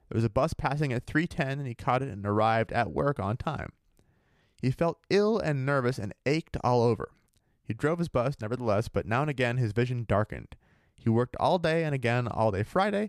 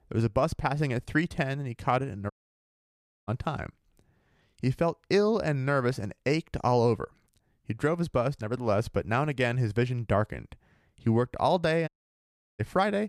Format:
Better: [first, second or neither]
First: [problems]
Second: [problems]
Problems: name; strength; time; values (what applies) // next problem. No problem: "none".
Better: first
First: none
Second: audio cutting out; at 2.5 s for 1 s and at 12 s for 0.5 s